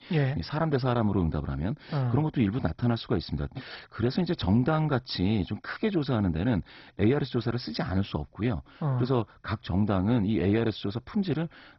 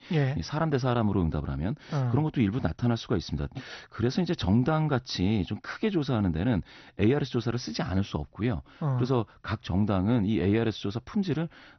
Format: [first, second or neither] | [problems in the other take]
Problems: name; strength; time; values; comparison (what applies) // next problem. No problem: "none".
second | garbled, watery; badly; nothing above 5.5 kHz; slightly in the second